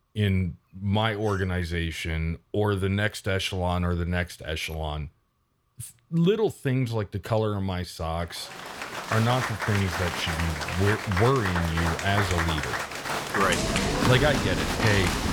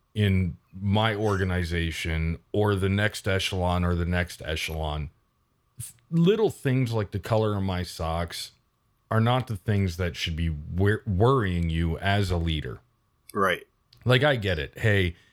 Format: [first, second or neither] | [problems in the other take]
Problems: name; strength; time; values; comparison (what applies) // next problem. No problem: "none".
second | crowd noise; loud; from 9 s on; 1 dB below the speech